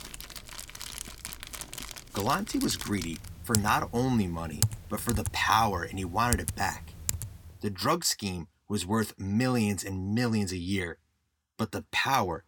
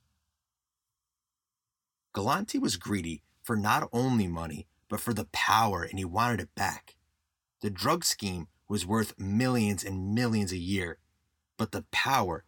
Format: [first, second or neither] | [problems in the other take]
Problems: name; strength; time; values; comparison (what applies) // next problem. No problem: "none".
second | household noises; loud; until 7.5 s; 7 dB below the speech